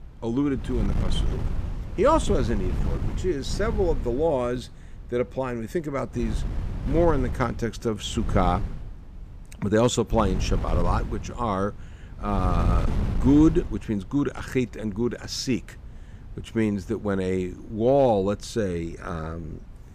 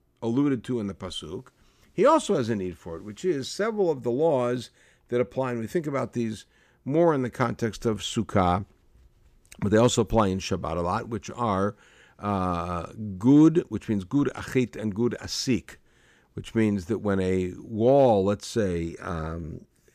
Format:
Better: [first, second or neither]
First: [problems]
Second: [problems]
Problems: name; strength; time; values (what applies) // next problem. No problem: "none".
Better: second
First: wind noise on the microphone; occasional gusts; 15 dB below the speech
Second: none